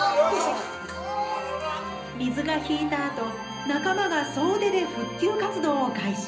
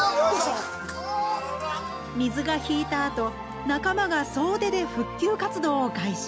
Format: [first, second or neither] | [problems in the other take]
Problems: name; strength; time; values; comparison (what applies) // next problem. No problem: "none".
second | background sound (Bowed string instrument); 18 dB below the speech // room echo; dies away in 0.5 s